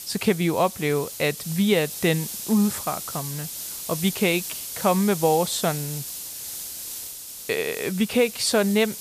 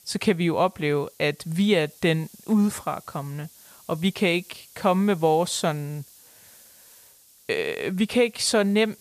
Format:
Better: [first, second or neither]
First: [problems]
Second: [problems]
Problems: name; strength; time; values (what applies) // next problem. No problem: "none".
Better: second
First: hiss; loud; throughout; 8 dB below the speech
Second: hiss; faint; throughout; 25 dB below the speech